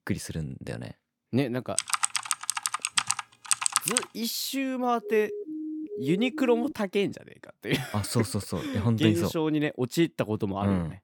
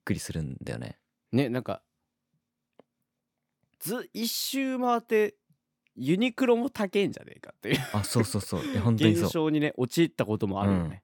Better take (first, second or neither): second